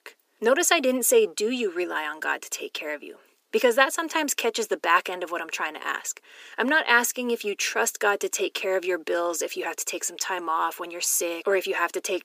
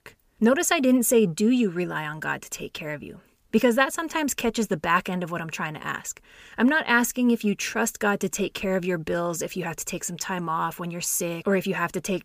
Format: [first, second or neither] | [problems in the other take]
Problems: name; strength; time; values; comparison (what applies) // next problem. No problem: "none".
second | thin; somewhat; fading below 300 Hz